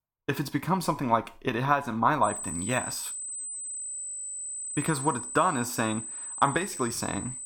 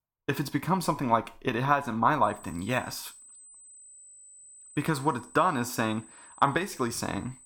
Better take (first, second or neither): second